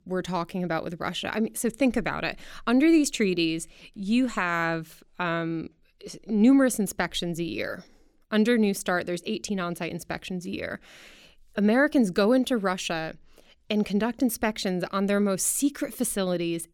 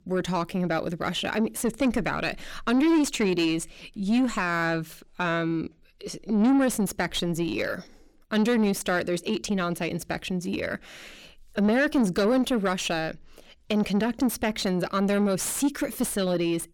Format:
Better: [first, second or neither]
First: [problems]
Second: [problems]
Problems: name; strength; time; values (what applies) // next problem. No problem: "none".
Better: first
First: none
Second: distortion; slight; 9 dB below the speech